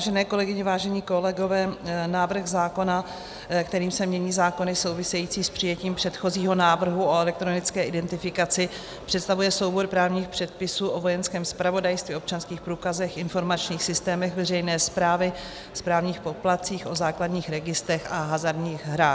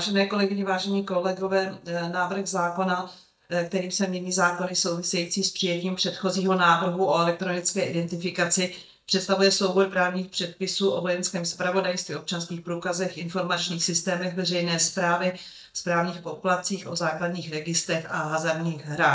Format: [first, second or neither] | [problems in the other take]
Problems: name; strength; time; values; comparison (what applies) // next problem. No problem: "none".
first | noise reduction (neural mask model DeepFilterNet 3)